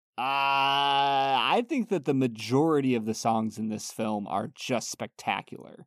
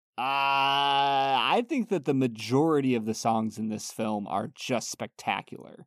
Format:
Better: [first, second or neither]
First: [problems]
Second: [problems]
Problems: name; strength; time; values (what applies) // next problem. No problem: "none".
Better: neither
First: none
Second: none